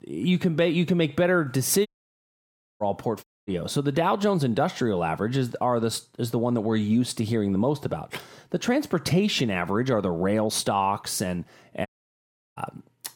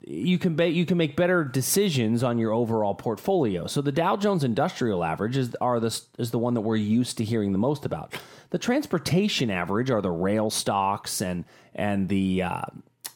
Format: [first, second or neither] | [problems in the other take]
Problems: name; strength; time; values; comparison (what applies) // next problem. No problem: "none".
second | audio cutting out; at 2 s for 1 s, at 3 s and at 12 s for 0.5 s